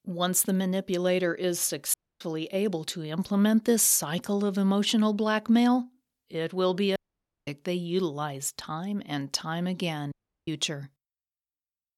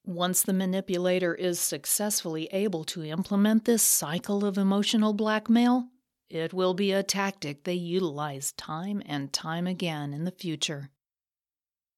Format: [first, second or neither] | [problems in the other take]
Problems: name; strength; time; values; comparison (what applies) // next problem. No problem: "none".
second | audio cutting out; at 2 s, at 7 s for 0.5 s and at 10 s